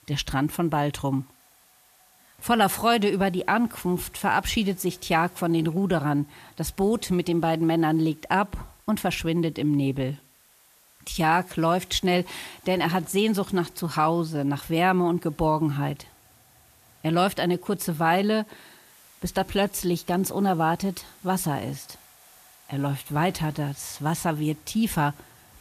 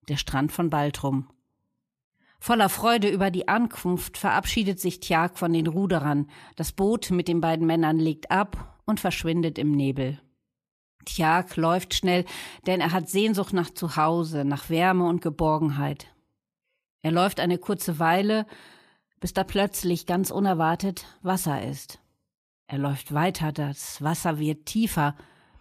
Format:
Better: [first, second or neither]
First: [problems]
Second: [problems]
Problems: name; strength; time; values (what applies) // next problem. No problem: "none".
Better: second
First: hiss; faint; throughout; 25 dB below the speech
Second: none